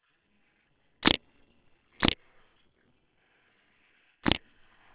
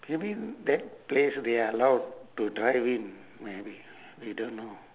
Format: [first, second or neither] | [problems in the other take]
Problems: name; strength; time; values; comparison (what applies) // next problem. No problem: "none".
second | noise reduction (neural separator model SepFormer WHAMR!)